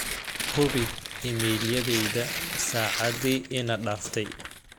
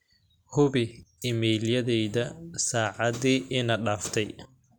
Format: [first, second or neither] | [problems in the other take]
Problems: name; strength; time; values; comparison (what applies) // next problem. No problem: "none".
second | background sound (Tearing); 4 dB below the speech